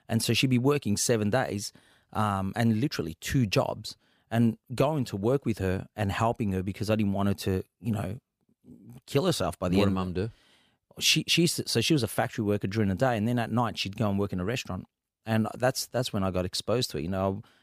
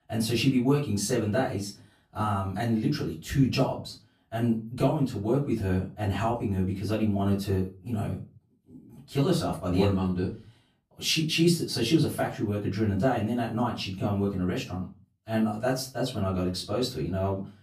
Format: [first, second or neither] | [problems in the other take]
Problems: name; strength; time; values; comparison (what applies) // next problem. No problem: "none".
first | off-mic speech; far // room echo; slight; dies away in 0.3 s